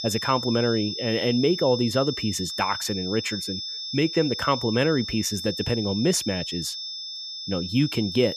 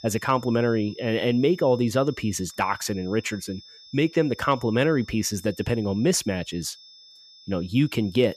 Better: second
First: high-pitched whine; loud; throughout; 5 kHz, 5 dB below the speech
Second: high-pitched whine; faint; throughout; 5 kHz, 20 dB below the speech

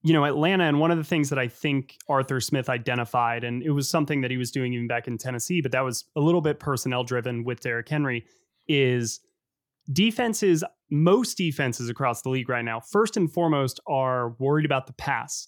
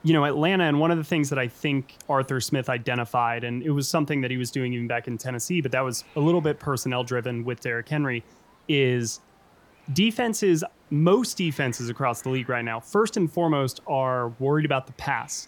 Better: first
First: none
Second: hiss; faint; throughout; 30 dB below the speech

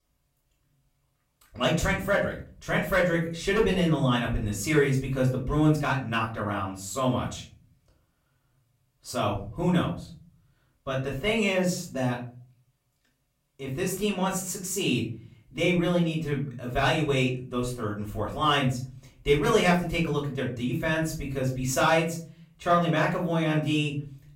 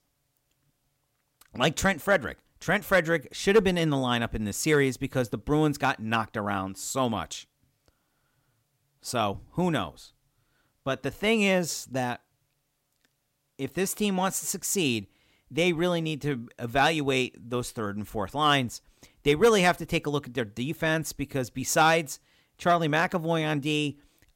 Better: second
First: off-mic speech; far // room echo; slight; dies away in 0.5 s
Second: none

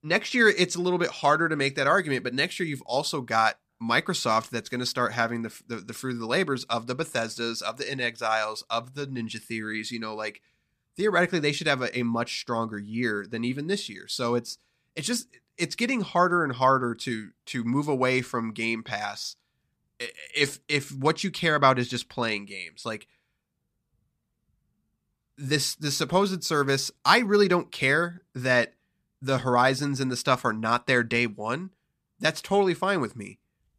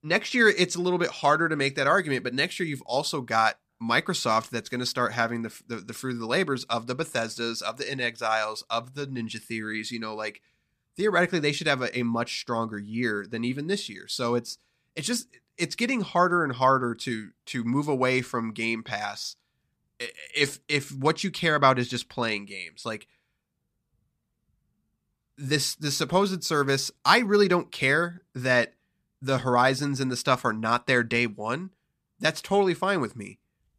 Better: neither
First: none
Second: none

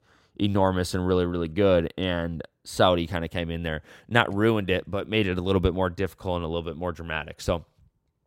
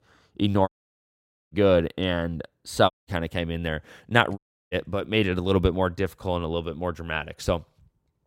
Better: first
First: none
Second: audio cutting out; at 0.5 s for 1 s, at 3 s and at 4.5 s

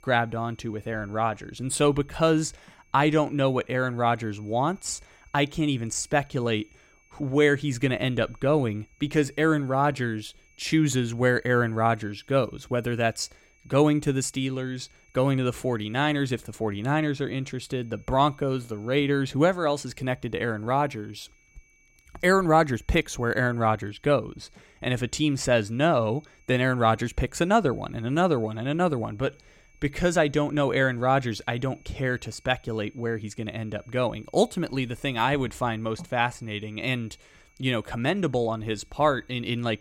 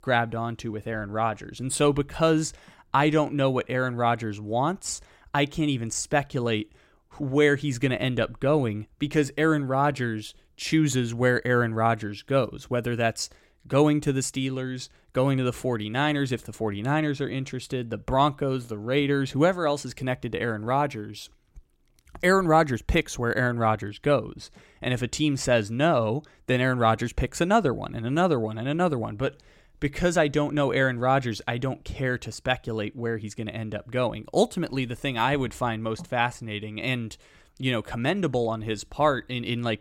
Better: second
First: high-pitched whine; faint; throughout; 2.5 kHz, 35 dB below the speech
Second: none

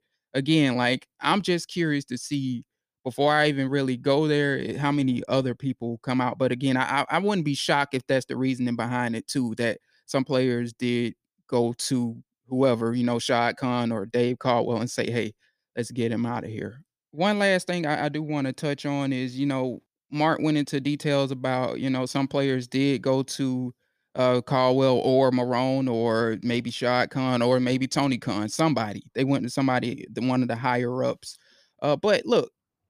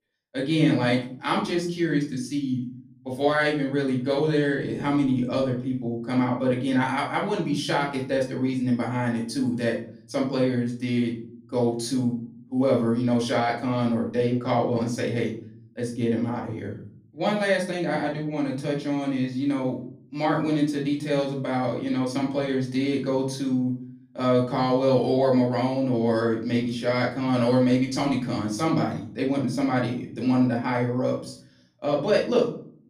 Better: first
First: none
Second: off-mic speech; far // room echo; slight; dies away in 0.5 s

